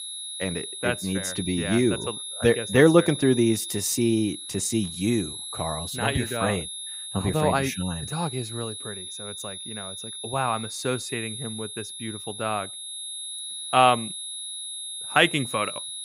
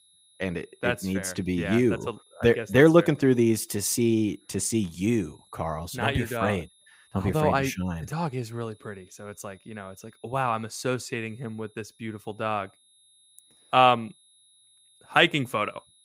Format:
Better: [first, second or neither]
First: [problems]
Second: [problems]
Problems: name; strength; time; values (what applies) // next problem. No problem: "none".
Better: second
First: high-pitched whine; loud; throughout; 3.5 kHz, 8 dB below the speech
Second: high-pitched whine; faint; throughout; 3.5 kHz, 35 dB below the speech